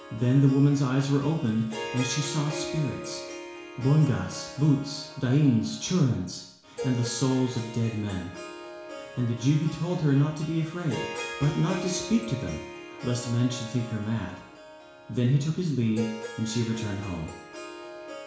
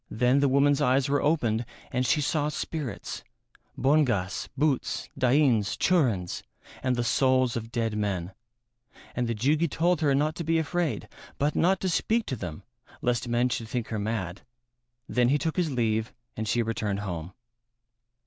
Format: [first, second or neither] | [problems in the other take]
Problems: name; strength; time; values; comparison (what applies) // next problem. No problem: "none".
second | background sound (Harp); 12 dB below the speech // room echo; dies away in 0.7 s